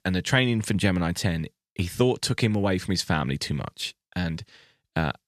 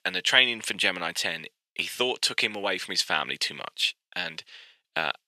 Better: first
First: none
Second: thin; very; fading below 550 Hz

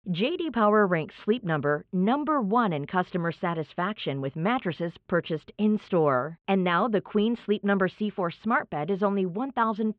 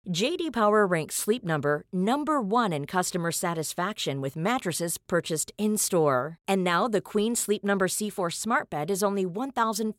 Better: second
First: muffled; very; fading above 3 kHz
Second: none

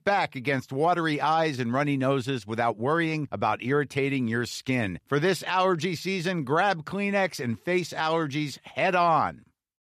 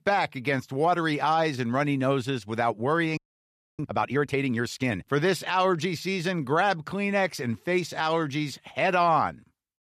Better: first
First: none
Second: audio freezing; at 3 s for 0.5 s

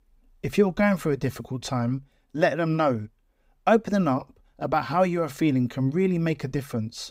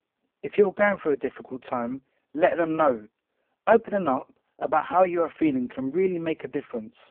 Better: first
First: none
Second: phone-call audio; poor line

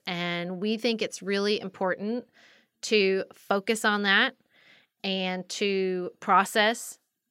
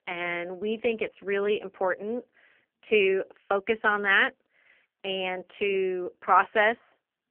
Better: first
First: none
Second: phone-call audio; poor line; nothing above 3 kHz

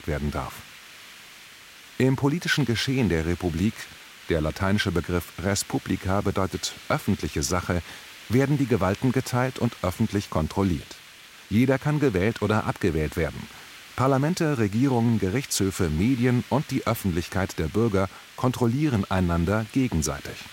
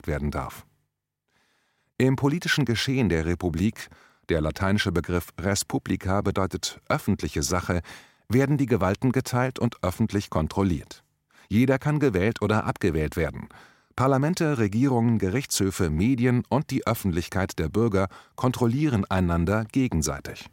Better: second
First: hiss; noticeable; throughout; 20 dB below the speech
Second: none

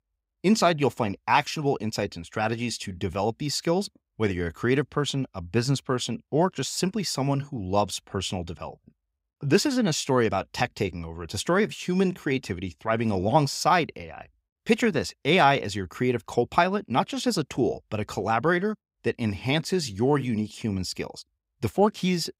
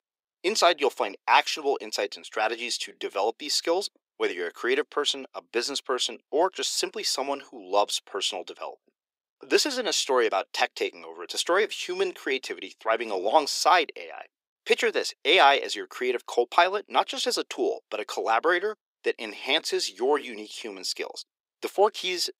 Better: first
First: none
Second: thin; very; fading below 350 Hz

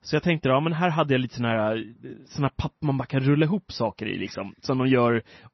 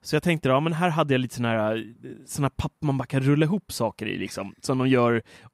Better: second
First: garbled, watery; slightly; nothing above 6 kHz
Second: none

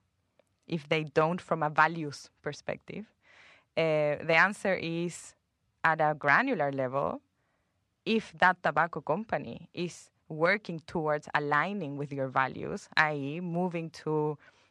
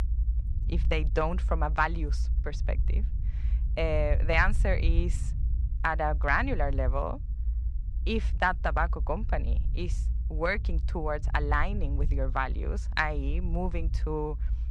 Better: first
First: none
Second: low rumble; faint; throughout; 20 dB below the speech

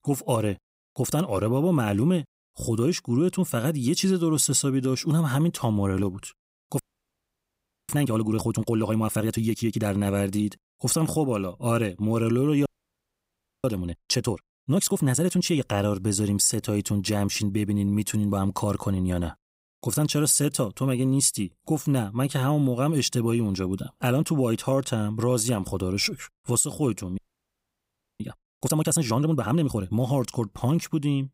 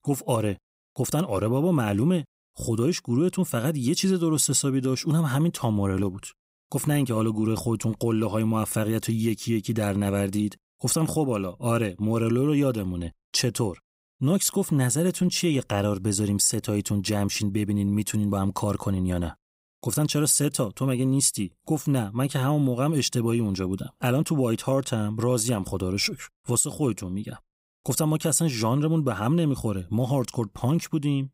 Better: second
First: audio freezing; at 7 s for 1 s, at 13 s for 1 s and at 27 s for 1 s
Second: none

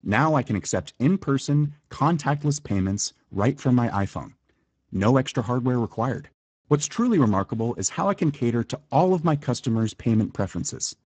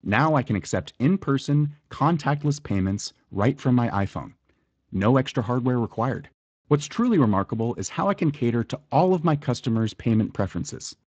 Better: second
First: garbled, watery; badly; nothing above 7.5 kHz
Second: garbled, watery; slightly; nothing above 7.5 kHz

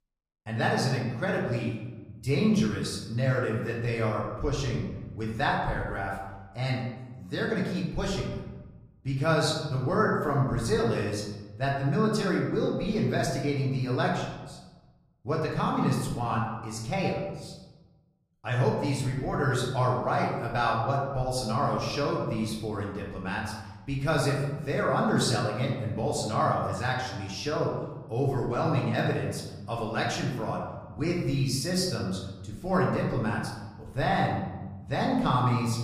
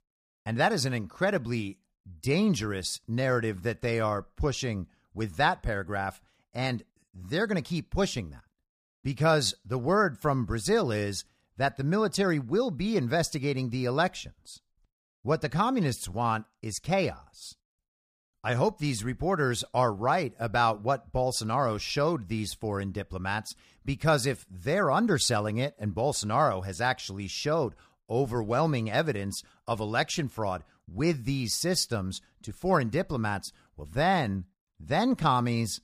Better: second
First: room echo; noticeable; dies away in 1.1 s // off-mic speech; far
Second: none

